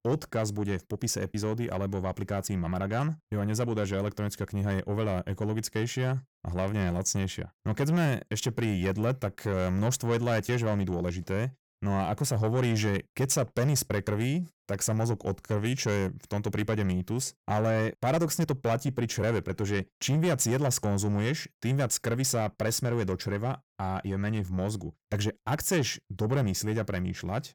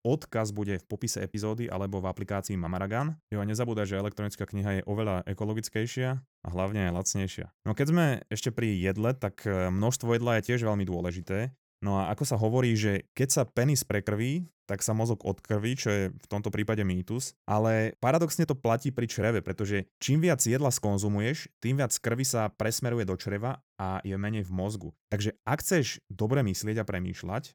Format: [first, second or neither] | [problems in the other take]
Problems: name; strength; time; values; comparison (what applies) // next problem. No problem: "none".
second | distortion; slight; 10 dB below the speech